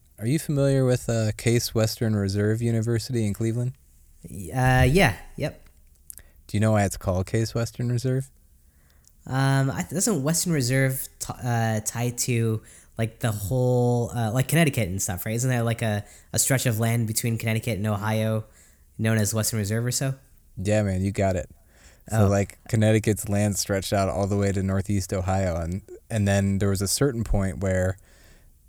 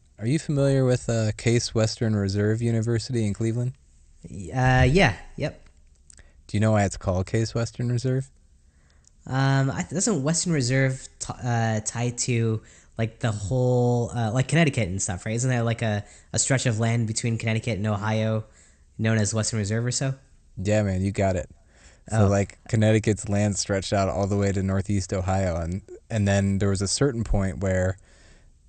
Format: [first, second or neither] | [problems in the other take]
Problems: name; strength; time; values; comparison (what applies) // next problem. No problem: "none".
first | garbled, watery; slightly; nothing above 8.5 kHz